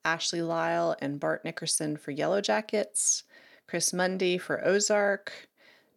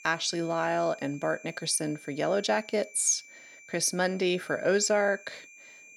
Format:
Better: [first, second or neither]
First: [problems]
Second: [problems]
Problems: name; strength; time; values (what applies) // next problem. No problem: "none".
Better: first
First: none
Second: high-pitched whine; faint; throughout; 2.5 kHz, 20 dB below the speech